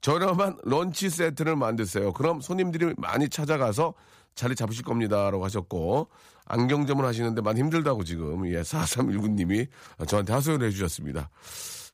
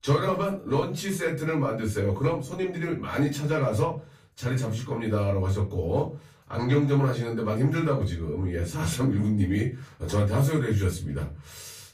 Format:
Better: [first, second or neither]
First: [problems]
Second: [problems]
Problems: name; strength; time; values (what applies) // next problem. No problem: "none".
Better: first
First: none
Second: off-mic speech; far // room echo; very slight; dies away in 0.3 s